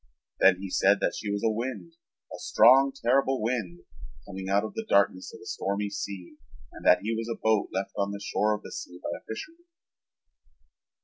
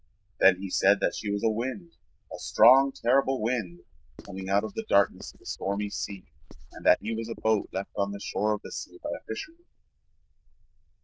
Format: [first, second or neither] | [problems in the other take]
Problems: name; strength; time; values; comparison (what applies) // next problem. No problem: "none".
first | noise reduction (neural diffusion model UNIVERSE++)